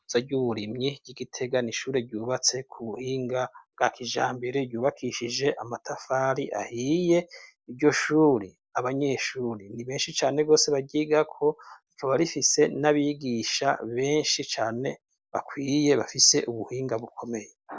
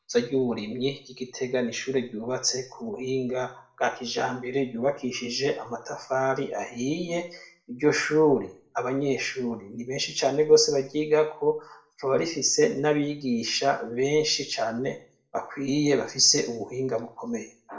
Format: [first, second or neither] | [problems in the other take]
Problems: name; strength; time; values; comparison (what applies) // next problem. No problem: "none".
first | room echo; dies away in 0.4 s